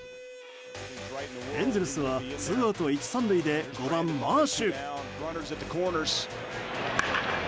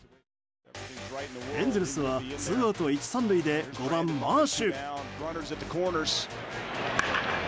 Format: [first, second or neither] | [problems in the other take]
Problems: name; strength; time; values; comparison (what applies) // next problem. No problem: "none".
second | background sound (Bowed string instrument); 16 dB below the speech